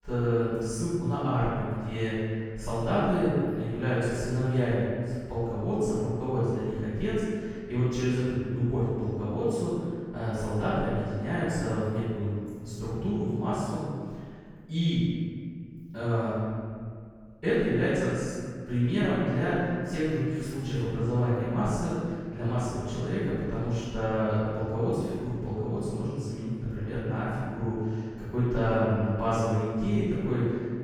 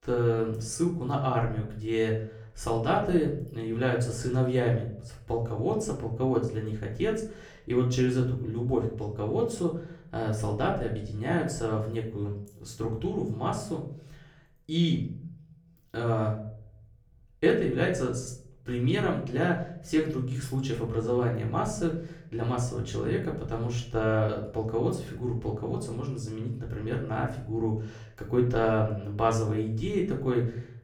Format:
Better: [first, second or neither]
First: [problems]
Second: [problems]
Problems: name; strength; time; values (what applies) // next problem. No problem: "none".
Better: second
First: room echo; strong; dies away in 1.8 s // off-mic speech; far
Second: room echo; slight; dies away in 0.5 s // off-mic speech; far